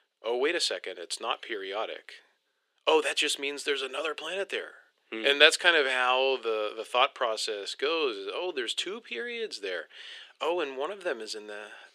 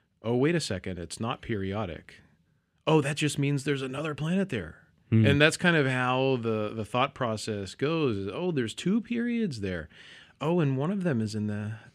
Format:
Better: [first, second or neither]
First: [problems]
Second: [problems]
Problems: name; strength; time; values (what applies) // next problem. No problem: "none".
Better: second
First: thin; very; fading below 400 Hz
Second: none